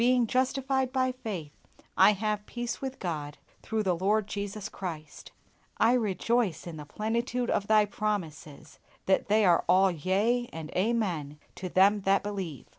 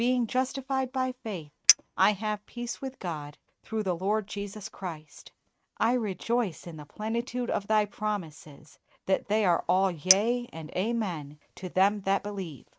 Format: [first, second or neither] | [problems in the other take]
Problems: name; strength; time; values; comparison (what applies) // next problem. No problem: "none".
first | noise reduction (neural mask model RNNoise)